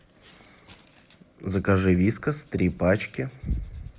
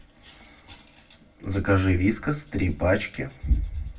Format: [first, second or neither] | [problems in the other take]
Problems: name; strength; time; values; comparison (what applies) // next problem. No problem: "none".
first | room echo; dies away in 0.2 s